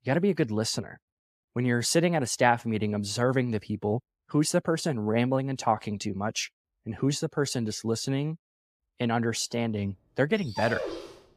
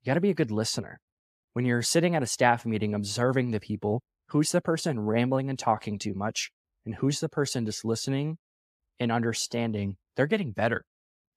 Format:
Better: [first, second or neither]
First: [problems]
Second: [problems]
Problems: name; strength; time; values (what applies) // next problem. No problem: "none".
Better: second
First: dog barking; noticeable; at 10 s; peak 6 dB below the speech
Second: none